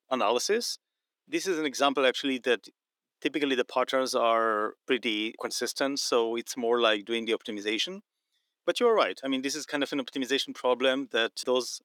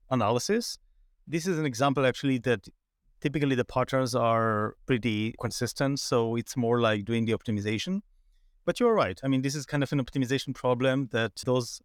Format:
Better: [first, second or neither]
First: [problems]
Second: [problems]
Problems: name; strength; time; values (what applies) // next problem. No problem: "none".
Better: second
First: thin; very slightly; fading below 300 Hz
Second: none